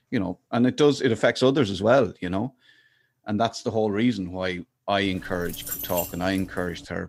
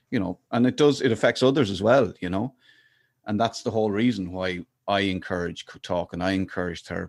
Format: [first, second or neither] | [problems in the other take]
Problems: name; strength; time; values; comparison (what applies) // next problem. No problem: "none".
second | jangling keys; noticeable; from 5 s on; peak 4 dB below the speech